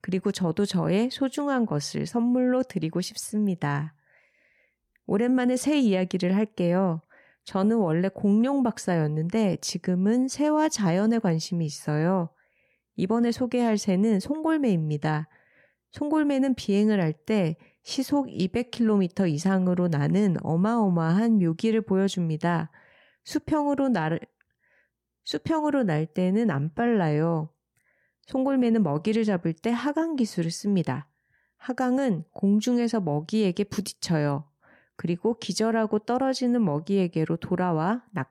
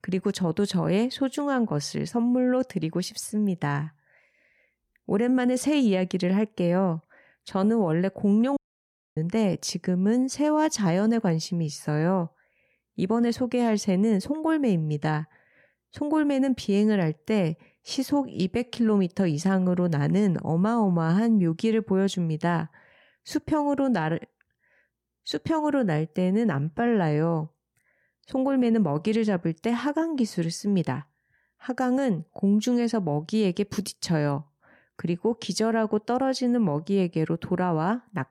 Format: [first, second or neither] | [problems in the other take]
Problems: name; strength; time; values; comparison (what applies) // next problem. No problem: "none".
first | audio cutting out; at 8.5 s for 0.5 s